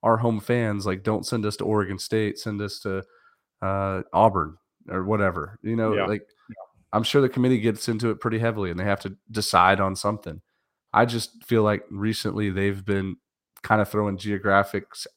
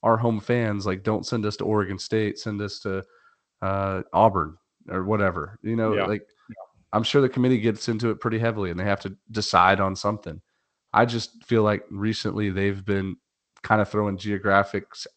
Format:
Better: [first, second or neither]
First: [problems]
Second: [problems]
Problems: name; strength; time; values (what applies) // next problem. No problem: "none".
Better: first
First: none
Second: garbled, watery; slightly; nothing above 8 kHz